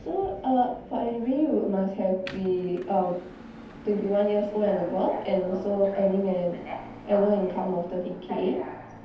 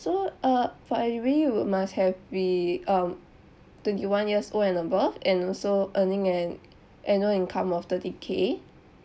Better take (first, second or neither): second